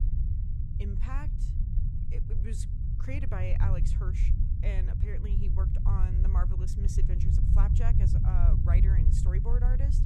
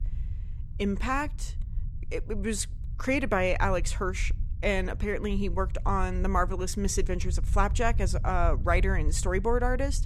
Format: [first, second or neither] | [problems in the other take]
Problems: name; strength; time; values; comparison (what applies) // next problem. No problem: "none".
second | low rumble; loud; throughout; 1 dB below the speech; faint in the second